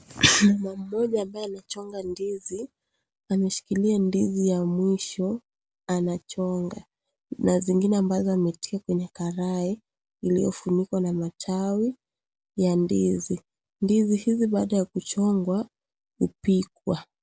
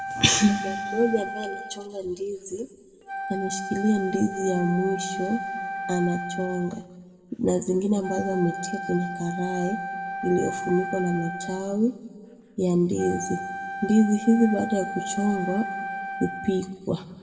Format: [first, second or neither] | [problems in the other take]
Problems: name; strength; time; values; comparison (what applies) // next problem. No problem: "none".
first | background sound (Wind instrument, woodwind instrument); 8 dB below the speech // room echo; dies away in 1.4 s